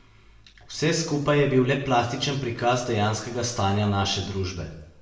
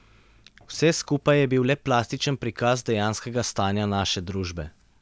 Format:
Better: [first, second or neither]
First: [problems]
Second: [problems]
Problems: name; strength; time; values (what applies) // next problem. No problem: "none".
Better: second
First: room echo; dies away in 0.7 s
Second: none